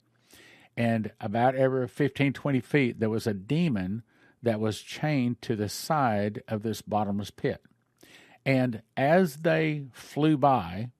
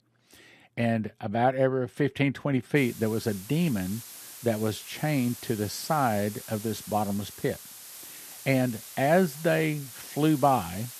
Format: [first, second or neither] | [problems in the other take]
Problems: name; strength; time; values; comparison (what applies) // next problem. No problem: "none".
first | hiss; noticeable; from 3 s on; 15 dB below the speech